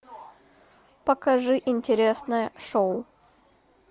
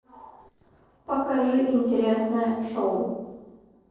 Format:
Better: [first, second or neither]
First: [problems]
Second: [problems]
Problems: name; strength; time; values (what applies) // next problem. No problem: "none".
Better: first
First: none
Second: noise reduction (neural separator model SepFormer DNS4)